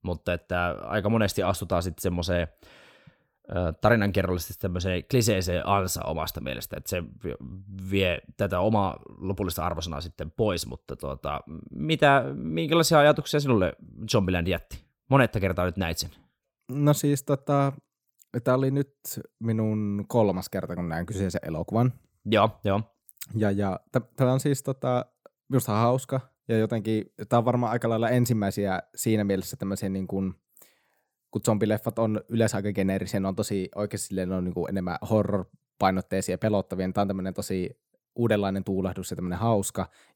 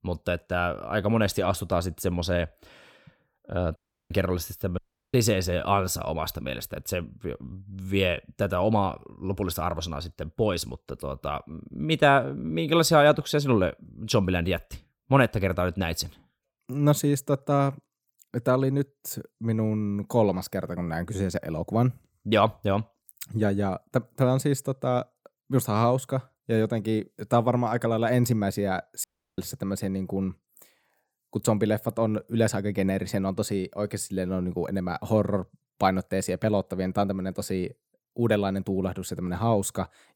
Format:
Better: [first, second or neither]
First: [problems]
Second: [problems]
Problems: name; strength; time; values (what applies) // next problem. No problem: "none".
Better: first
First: none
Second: audio cutting out; at 4 s, at 5 s and at 29 s